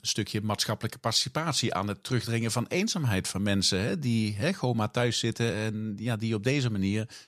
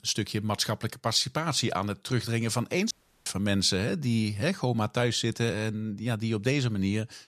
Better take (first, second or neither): first